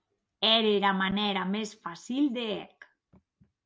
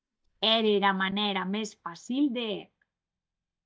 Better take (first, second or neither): first